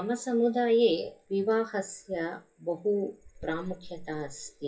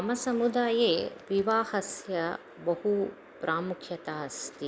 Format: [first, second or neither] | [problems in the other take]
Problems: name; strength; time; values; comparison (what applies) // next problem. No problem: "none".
second | noise reduction (classical method WPE with log-MMSE)